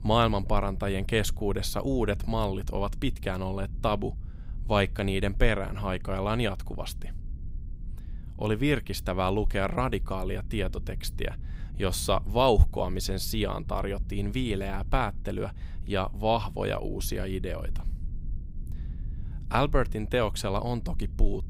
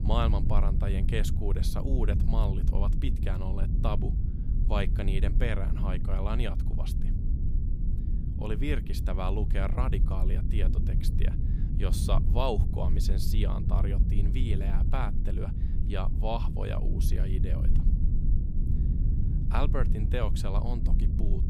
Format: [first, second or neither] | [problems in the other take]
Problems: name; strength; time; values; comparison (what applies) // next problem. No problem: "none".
first | low rumble; loud; throughout; 7 dB below the speech; faint in the first